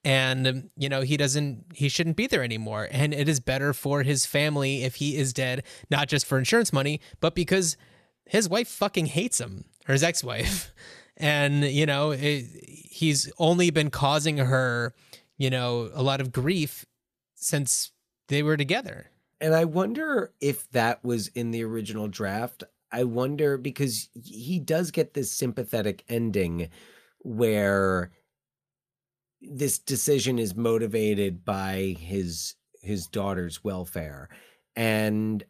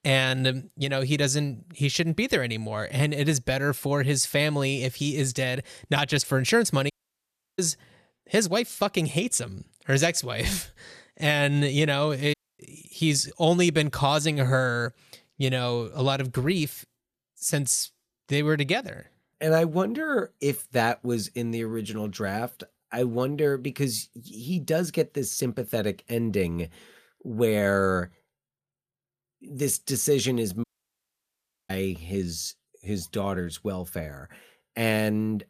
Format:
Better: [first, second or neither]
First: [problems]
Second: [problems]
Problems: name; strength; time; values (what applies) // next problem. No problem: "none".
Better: first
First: none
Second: audio cutting out; at 7 s for 0.5 s, at 12 s and at 31 s for 1 s